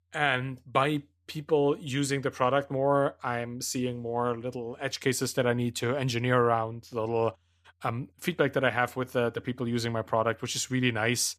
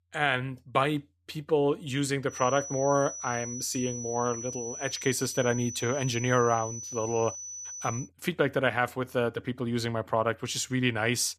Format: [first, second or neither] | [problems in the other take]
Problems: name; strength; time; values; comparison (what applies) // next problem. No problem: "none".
first | high-pitched whine; loud; from 2.5 to 8 s; 6 kHz, 8 dB below the speech